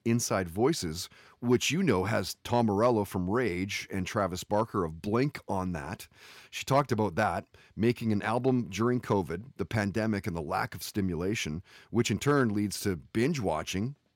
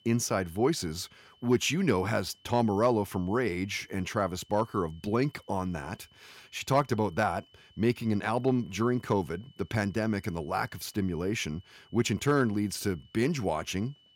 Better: first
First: none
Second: high-pitched whine; faint; throughout; 3 kHz, 30 dB below the speech

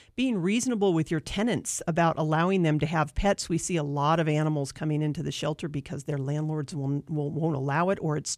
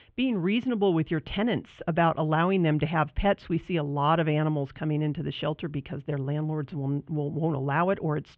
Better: first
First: none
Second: muffled; very; fading above 3 kHz

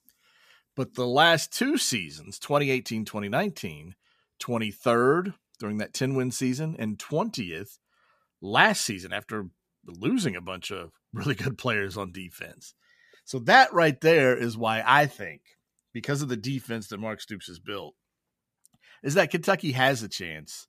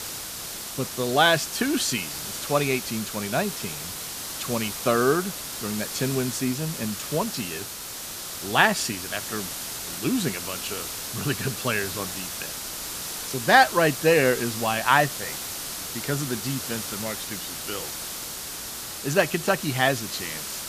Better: first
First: none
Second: hiss; loud; throughout; 6 dB below the speech

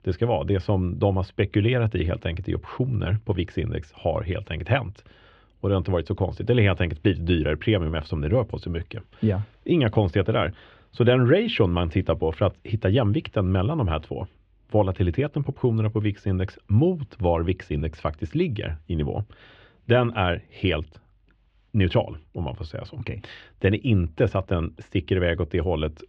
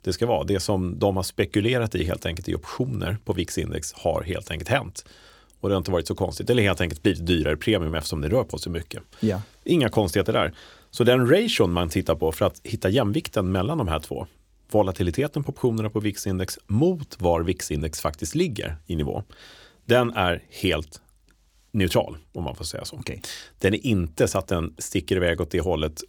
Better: second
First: muffled; very; fading above 3 kHz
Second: none

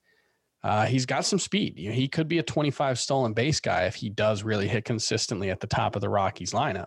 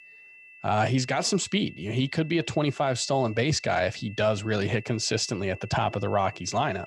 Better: first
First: none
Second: high-pitched whine; noticeable; throughout; 2.5 kHz, 20 dB below the speech

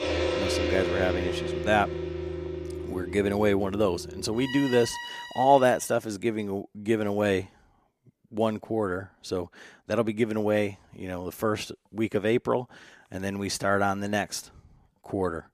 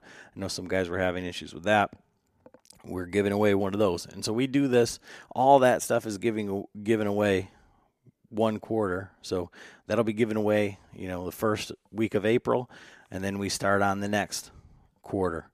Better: second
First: background music; loud; until 5.5 s; 5 dB below the speech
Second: none

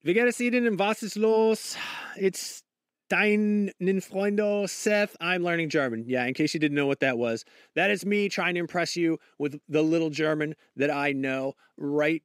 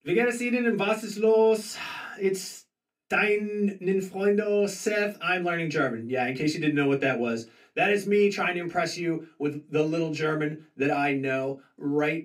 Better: first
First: none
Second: off-mic speech; far // room echo; very slight; dies away in 0.2 s

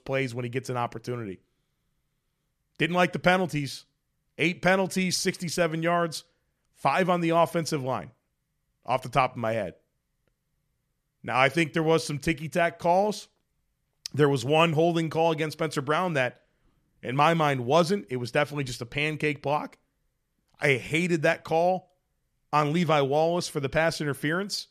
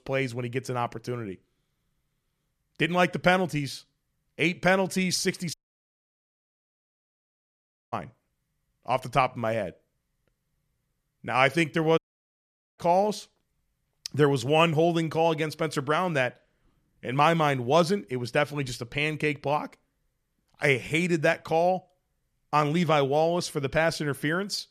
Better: first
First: none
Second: audio cutting out; at 5.5 s for 2.5 s and at 12 s for 1 s

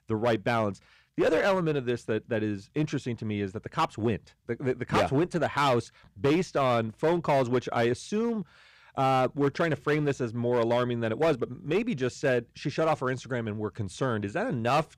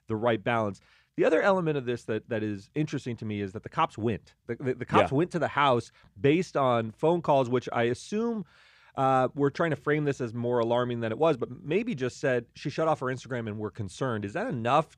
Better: second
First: distortion; slight; 7% of the sound clipped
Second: none

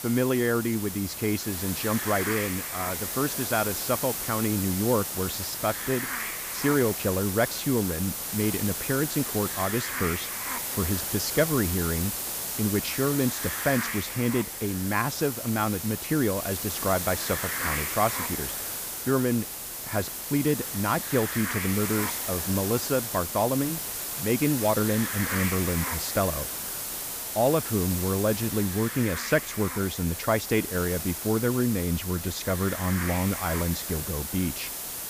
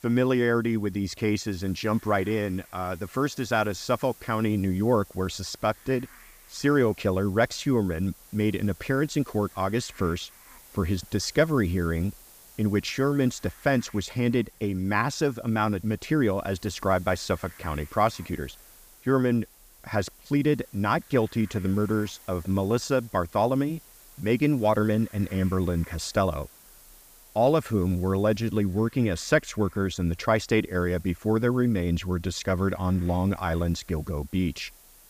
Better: second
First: hiss; loud; throughout; 3 dB below the speech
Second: hiss; faint; throughout; 25 dB below the speech

